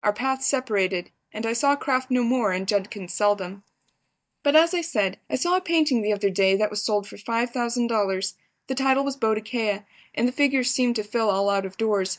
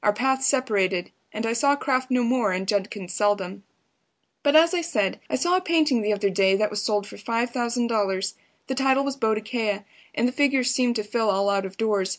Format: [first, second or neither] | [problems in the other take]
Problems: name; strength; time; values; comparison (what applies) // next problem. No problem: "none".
second | noise reduction (neural mask model DeepFilterNet 3)